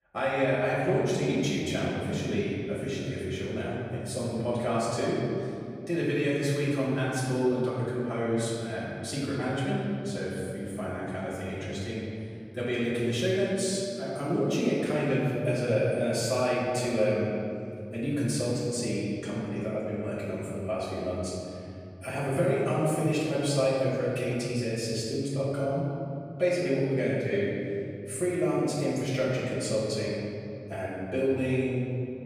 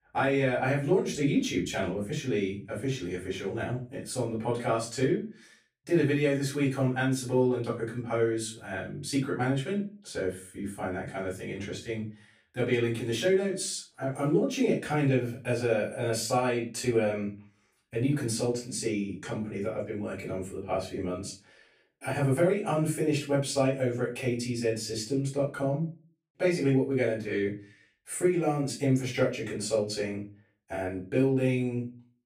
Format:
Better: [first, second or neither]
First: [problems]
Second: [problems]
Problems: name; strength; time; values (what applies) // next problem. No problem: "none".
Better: second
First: room echo; strong; dies away in 2.6 s // off-mic speech; far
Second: room echo; slight; dies away in 0.3 s // off-mic speech; far